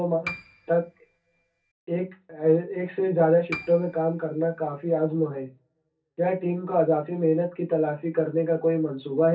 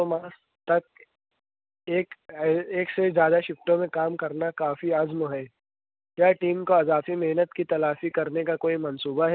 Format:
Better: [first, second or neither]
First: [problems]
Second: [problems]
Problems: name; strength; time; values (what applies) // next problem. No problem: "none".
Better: second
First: background sound (Piano); 16 dB below the speech // room echo; dies away in 0.3 s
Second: none